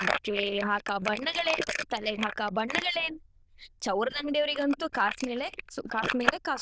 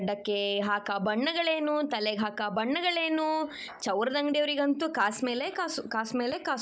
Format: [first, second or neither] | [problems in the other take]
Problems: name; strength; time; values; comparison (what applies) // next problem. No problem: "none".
second | noise reduction (neural diffusion model UNIVERSE++)